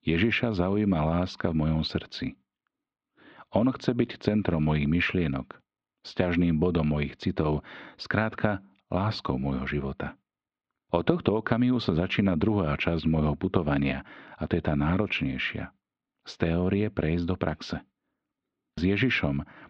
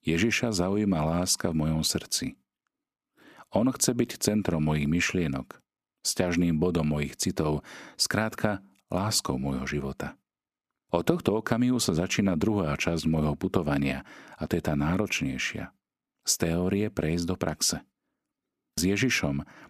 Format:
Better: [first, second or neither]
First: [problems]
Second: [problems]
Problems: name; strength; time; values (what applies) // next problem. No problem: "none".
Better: second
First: muffled; slightly; fading above 4 kHz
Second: none